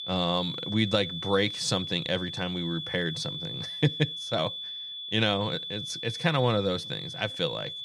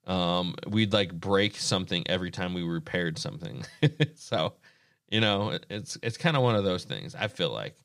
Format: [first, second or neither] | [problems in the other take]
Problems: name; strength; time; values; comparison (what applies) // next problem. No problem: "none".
second | high-pitched whine; loud; throughout; 3.5 kHz, 6 dB below the speech